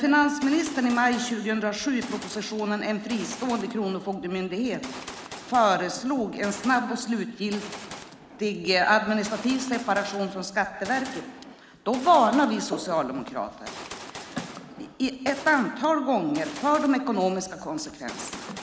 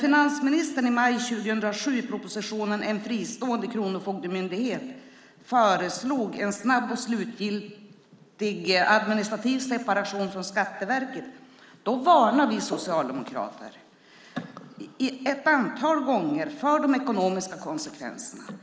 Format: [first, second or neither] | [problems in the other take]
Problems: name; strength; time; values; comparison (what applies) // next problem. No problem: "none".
second | background sound (Gunshot, gunfire); 16 dB below the speech